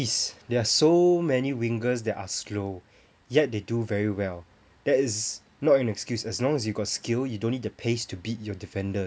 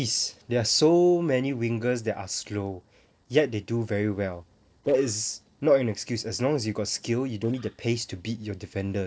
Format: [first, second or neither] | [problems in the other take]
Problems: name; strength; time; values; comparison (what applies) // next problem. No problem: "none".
first | noise reduction (neural separator model SepFormer DNS4)